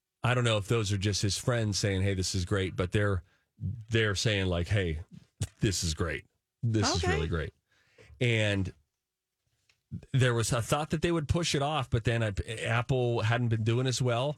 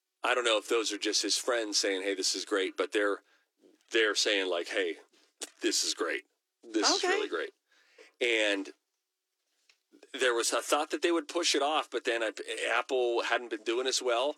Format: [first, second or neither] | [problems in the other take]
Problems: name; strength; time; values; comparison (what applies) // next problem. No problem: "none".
first | thin; very; fading below 300 Hz